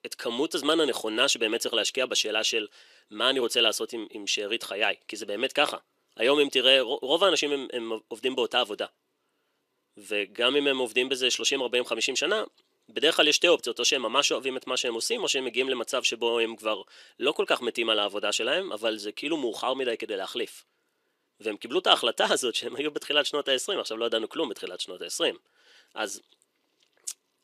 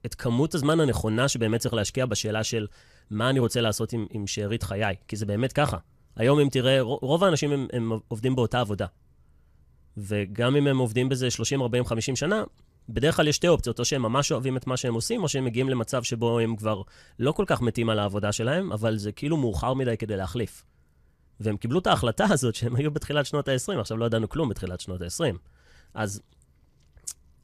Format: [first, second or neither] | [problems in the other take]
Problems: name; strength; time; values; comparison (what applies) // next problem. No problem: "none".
second | thin; somewhat; fading below 350 Hz